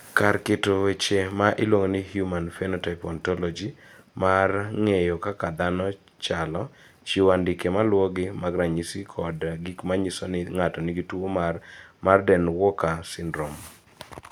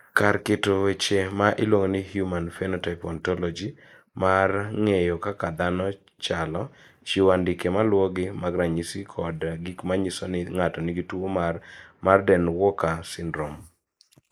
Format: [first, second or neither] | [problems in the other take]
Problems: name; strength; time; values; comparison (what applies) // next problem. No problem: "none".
first | noise reduction (neural mask model Resemble Enhance denoiser)